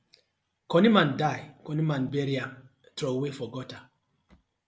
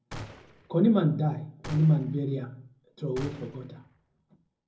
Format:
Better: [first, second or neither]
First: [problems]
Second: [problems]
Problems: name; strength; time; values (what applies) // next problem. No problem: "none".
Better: first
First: none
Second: background sound (Gunshot, gunfire); 17 dB below the speech // room echo; dies away in 0.4 s